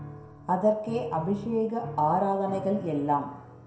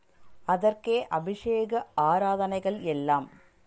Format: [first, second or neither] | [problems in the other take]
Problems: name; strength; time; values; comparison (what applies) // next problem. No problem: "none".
second | background sound (Piano); 15 dB below the speech // room echo; dies away in 0.6 s